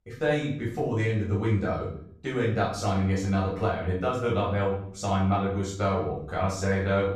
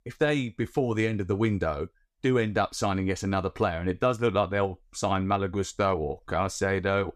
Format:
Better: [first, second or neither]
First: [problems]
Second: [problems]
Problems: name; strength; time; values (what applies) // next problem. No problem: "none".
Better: second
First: off-mic speech; far // room echo; noticeable; dies away in 0.6 s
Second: none